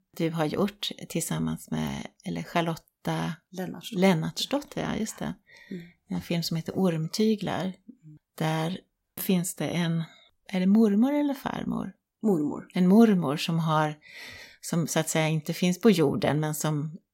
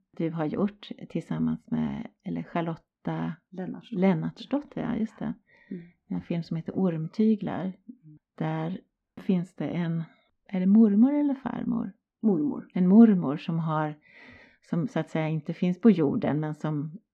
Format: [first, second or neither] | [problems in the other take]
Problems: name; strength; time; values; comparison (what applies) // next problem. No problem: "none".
first | muffled; very; fading above 2 kHz